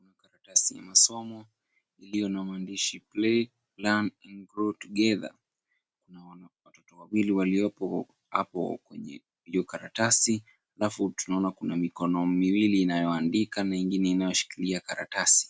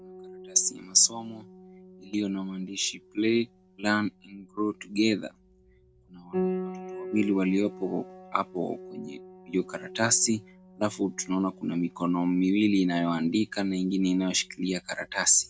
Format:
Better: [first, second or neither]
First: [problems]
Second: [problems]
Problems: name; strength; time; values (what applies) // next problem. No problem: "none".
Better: first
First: none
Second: background sound (Piano); 14 dB below the speech